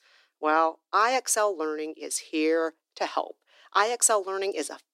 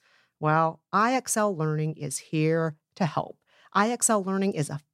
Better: second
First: thin; very; fading below 300 Hz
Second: none

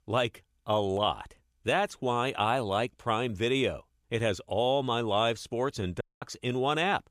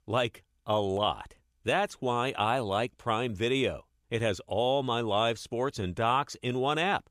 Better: second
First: audio cutting out; at 6 s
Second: none

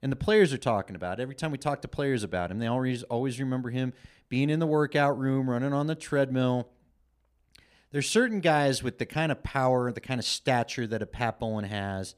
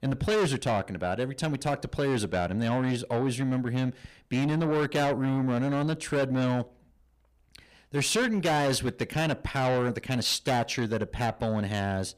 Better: first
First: none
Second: distortion; heavy; 7 dB below the speech

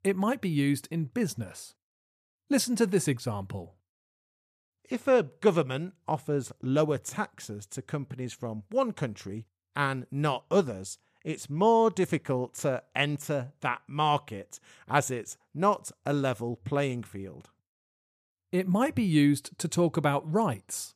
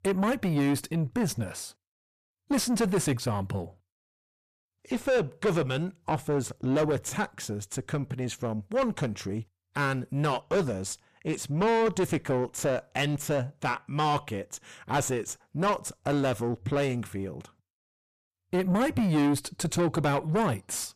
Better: first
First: none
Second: distortion; heavy; 6 dB below the speech

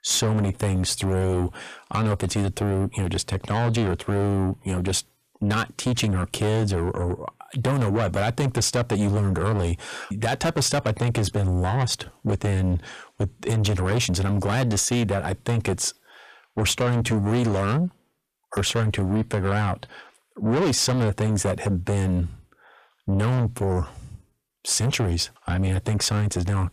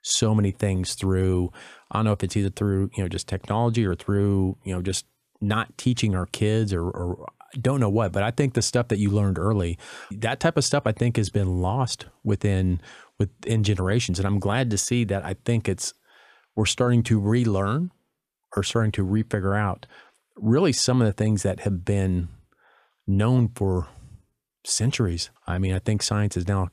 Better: second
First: distortion; heavy; 6 dB below the speech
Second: none

